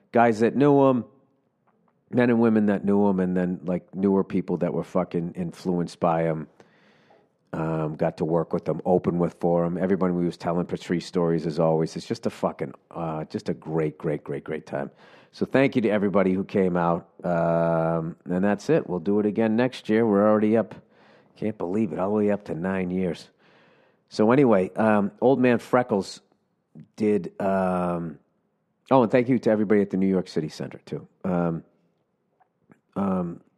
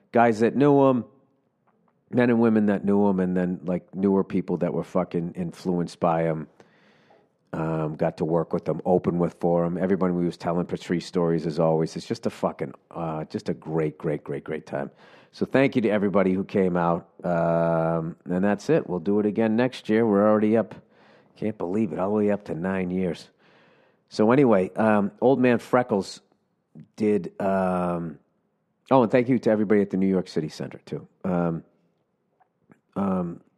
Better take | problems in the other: neither | muffled; slightly; fading above 3 kHz; the same in both

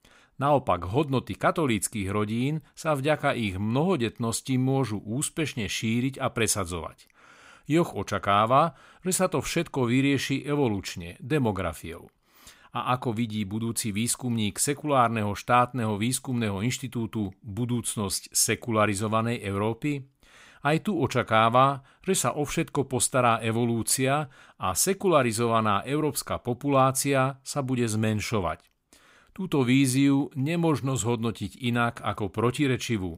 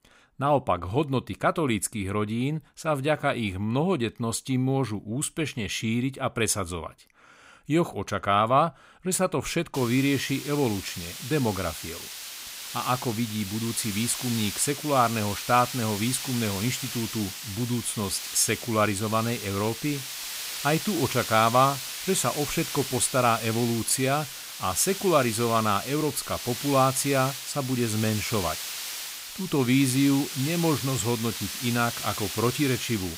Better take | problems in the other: first | hiss; loud; from 9.5 s on; 7 dB below the speech

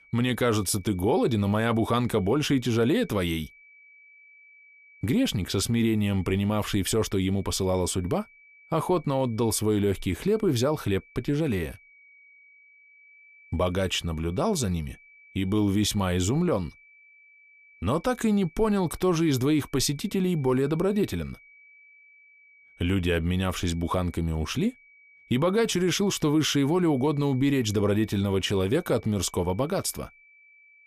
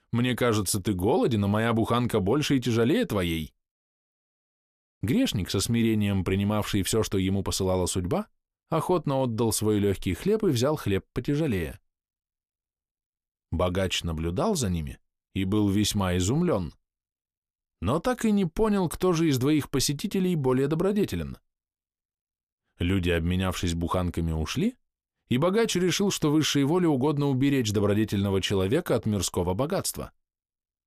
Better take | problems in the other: second | high-pitched whine; faint; throughout; 2.5 kHz, 25 dB below the speech

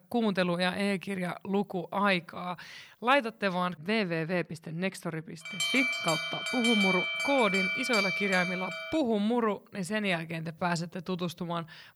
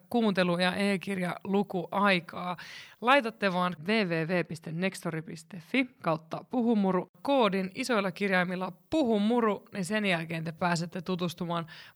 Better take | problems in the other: second | alarm; loud; from 5.5 to 9 s; peak 5 dB above the speech

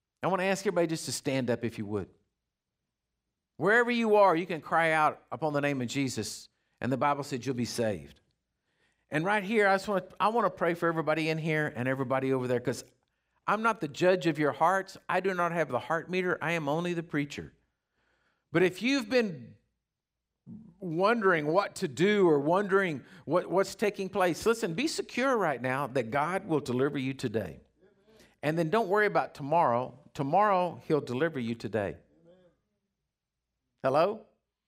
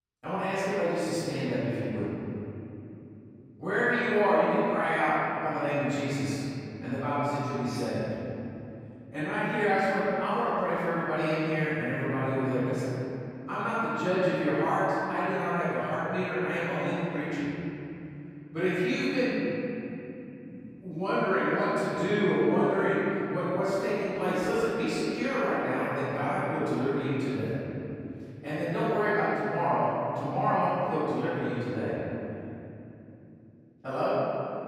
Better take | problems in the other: first | off-mic speech; far // room echo; strong; dies away in 3 s

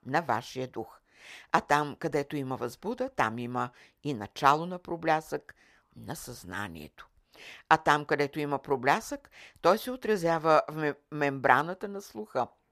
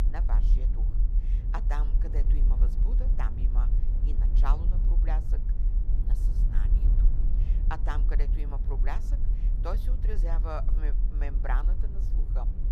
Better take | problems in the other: first | low rumble; loud; throughout; 8 dB below the speech

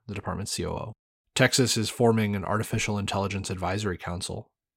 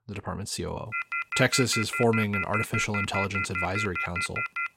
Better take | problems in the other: first | phone ringing; noticeable; from 1 s on; peak 1 dB below the speech

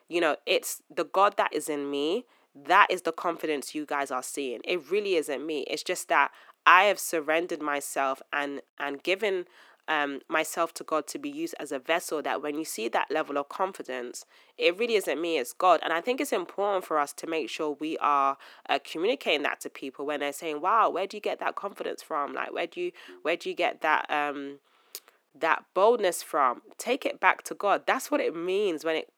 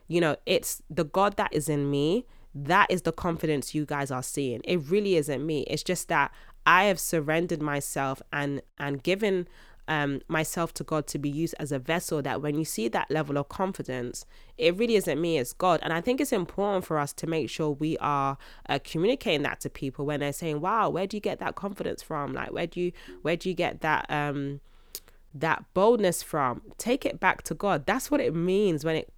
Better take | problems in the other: second | thin; somewhat; fading below 300 Hz

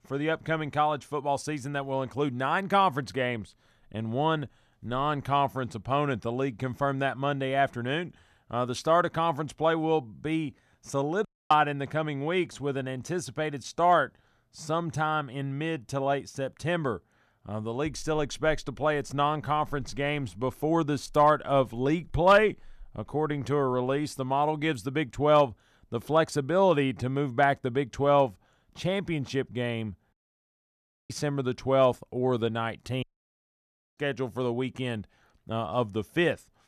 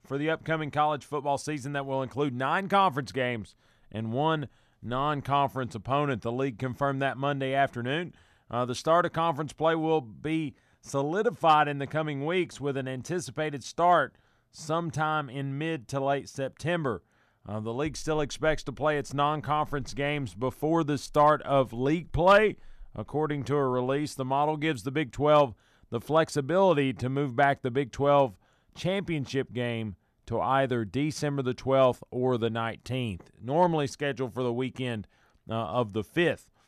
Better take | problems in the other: second | audio cutting out; at 11 s, at 30 s for 1 s and at 33 s for 1 s

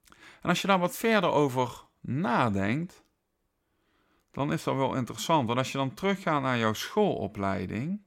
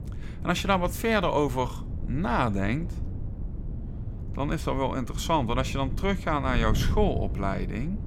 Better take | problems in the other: first | wind noise on the microphone; occasional gusts; 20 dB below the speech

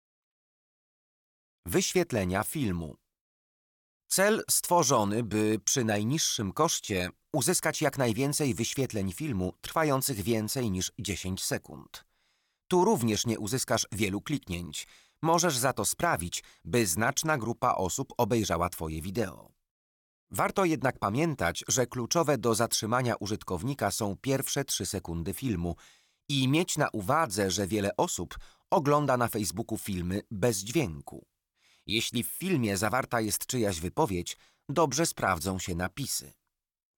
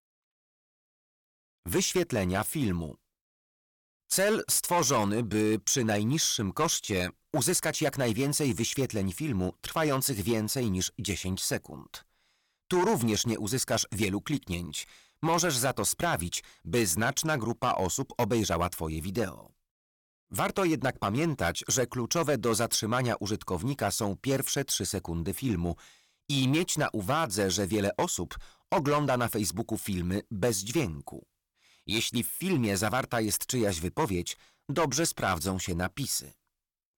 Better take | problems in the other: first | distortion; slight; 5% of the sound clipped

